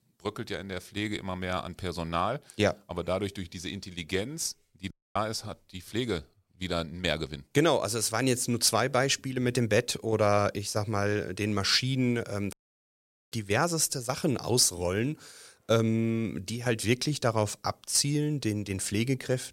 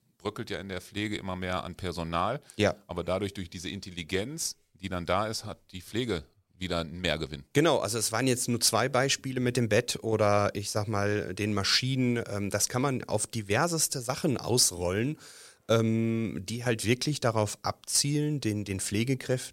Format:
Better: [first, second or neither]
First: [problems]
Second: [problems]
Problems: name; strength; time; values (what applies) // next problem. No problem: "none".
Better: second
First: audio cutting out; at 5 s and at 13 s for 1 s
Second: none